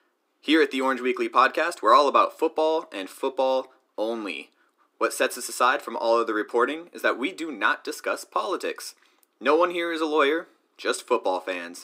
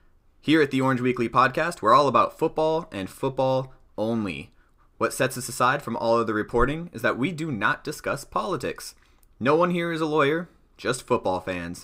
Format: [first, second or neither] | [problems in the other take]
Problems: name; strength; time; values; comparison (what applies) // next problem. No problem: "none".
second | thin; somewhat; fading below 300 Hz